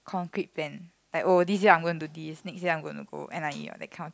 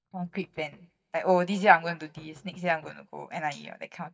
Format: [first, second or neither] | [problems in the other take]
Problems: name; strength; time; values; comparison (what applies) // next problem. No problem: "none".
first | noise reduction (neural mask model DeepFilterNet 3)